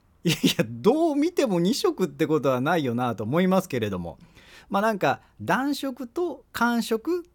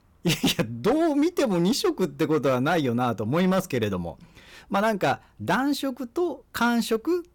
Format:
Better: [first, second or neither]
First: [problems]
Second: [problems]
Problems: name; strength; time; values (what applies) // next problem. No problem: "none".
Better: first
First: none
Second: distortion; slight; 7% of the sound clipped